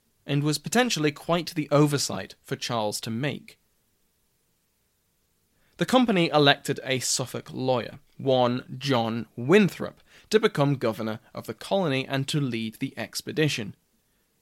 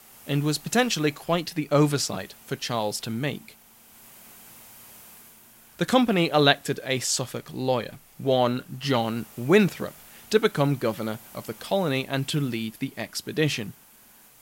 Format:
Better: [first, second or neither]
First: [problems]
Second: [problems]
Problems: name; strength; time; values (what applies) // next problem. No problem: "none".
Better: first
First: none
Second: hiss; faint; throughout; 25 dB below the speech